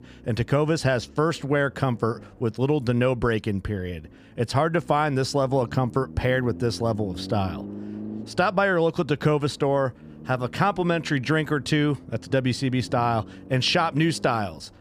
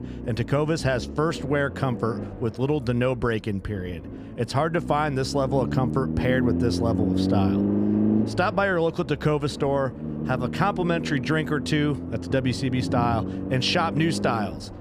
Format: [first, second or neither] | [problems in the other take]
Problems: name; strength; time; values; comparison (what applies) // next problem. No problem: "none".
first | low rumble; loud; throughout; 8 dB below the speech; faint in the first